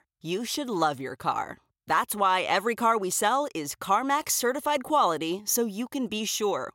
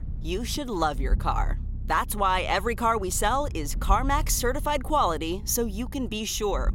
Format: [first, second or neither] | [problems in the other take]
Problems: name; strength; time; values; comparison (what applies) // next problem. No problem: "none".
first | low rumble; faint; throughout; 25 dB below the speech